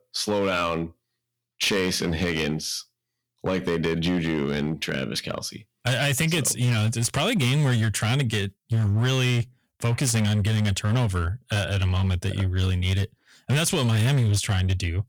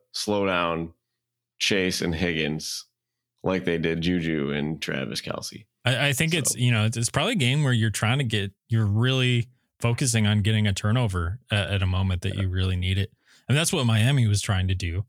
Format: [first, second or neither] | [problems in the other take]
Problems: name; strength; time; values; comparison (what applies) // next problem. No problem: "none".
second | distortion; slight; 11% of the sound clipped